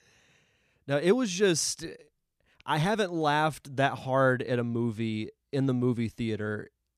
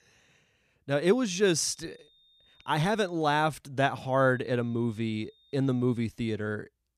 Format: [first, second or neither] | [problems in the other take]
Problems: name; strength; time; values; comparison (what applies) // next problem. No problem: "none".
first | high-pitched whine; faint; from 1 to 3 s and from 4.5 to 6 s; 3.5 kHz, 35 dB below the speech